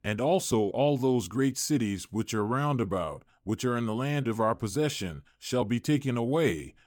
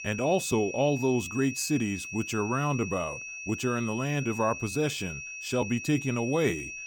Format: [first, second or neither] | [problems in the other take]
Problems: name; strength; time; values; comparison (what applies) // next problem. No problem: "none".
first | high-pitched whine; loud; throughout; 2.5 kHz, 8 dB below the speech